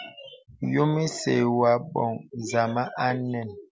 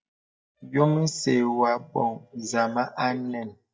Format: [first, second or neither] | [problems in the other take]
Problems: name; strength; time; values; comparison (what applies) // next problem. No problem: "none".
first | noise reduction (neural mask model DeepFilterNet 3)